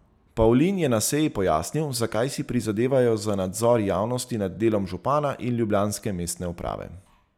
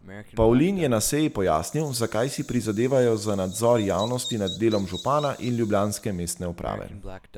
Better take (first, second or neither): first